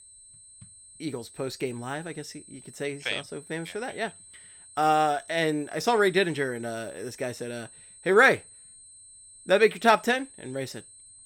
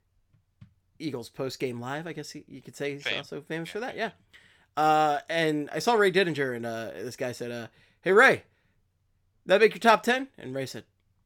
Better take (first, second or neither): second